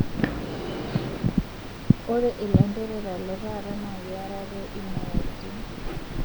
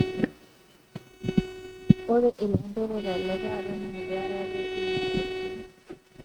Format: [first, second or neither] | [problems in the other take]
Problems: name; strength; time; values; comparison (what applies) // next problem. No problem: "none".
first | noise reduction (neural mask model RNNoise)